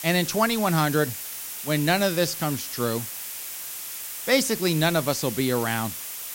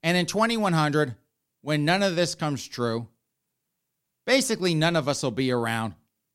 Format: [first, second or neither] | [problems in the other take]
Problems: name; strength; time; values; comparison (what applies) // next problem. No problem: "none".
second | hiss; loud; throughout; 8 dB below the speech